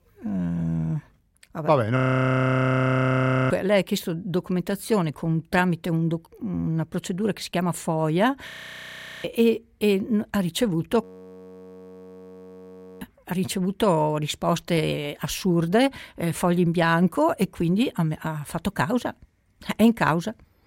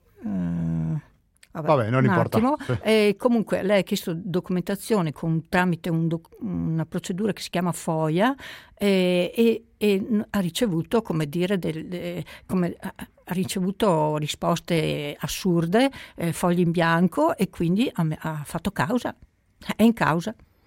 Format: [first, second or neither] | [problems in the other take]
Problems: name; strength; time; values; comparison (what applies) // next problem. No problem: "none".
second | audio freezing; at 2 s for 1.5 s, at 8.5 s for 1 s and at 11 s for 2 s